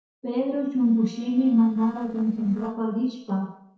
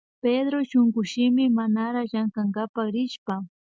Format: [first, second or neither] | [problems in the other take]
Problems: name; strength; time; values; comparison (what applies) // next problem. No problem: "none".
second | noise reduction (neural separator model SepFormer DNS4)